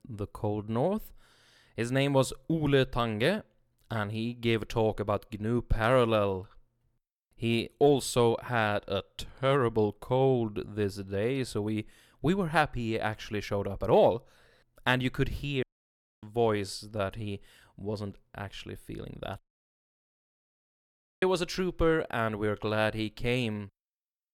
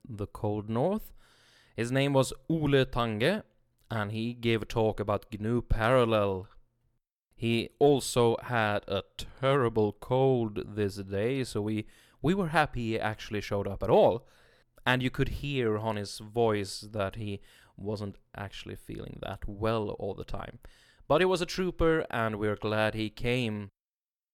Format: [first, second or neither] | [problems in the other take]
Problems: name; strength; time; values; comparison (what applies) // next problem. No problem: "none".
second | audio cutting out; at 16 s for 0.5 s and at 19 s for 2 s